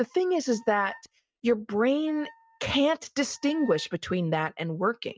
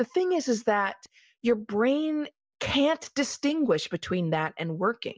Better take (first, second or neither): second